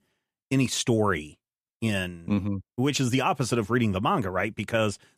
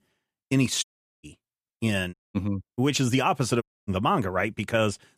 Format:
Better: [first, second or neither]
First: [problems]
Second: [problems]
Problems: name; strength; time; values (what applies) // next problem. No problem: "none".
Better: first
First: none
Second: audio cutting out; at 1 s, at 2 s and at 3.5 s